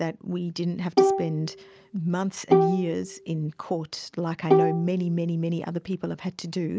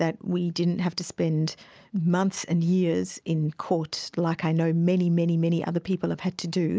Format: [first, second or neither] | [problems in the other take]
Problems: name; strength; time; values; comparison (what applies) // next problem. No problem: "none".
second | background sound (Bowed string instrument); 2 dB above the speech